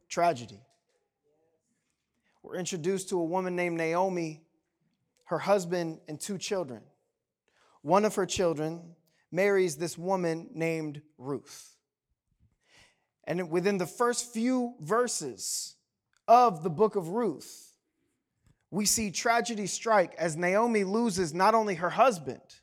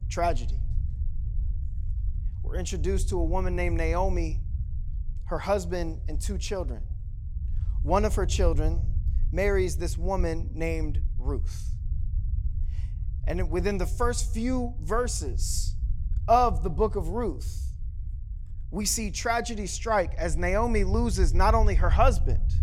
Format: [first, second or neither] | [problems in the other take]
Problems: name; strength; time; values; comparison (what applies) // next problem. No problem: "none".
first | low rumble; faint; throughout; 20 dB below the speech